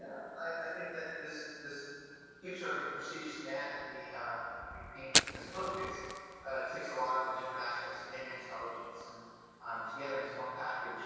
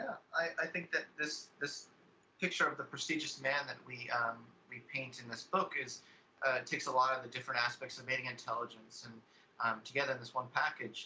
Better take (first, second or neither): second